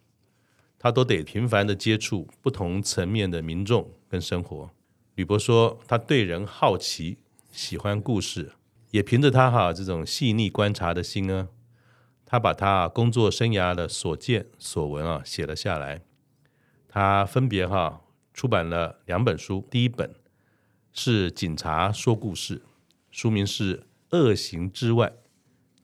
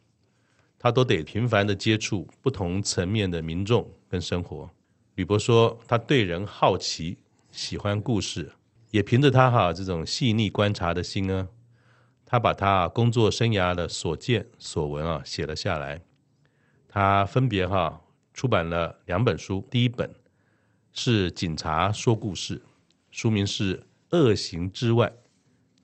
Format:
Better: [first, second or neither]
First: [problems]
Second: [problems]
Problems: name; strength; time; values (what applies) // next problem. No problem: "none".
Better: first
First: none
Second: garbled, watery; slightly; nothing above 8 kHz